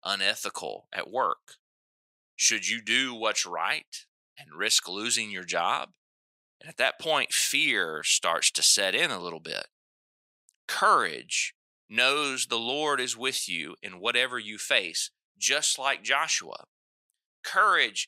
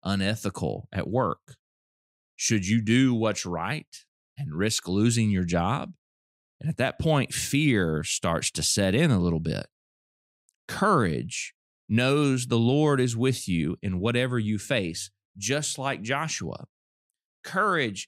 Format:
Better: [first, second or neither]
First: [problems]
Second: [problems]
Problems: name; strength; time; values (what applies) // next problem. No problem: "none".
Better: second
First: thin; very; fading below 750 Hz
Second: none